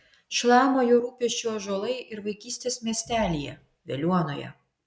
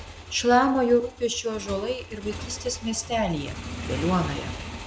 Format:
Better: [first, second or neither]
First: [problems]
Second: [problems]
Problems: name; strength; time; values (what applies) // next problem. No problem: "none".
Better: first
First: none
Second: background sound (Motorcycle / Engine); 11 dB below the speech